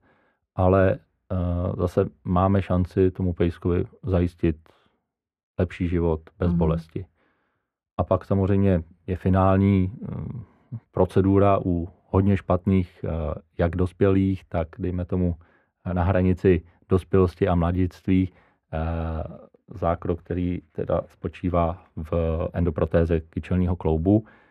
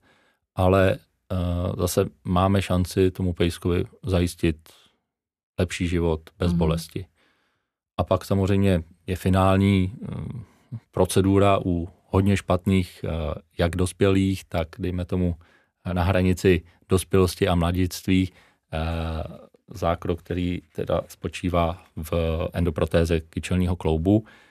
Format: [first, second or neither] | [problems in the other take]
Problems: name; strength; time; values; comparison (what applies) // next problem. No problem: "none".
second | muffled; very; fading above 3 kHz